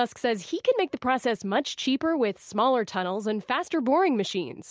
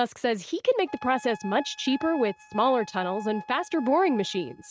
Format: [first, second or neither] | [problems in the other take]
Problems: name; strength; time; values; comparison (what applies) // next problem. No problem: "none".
first | noise reduction (neural mask model RNNoise)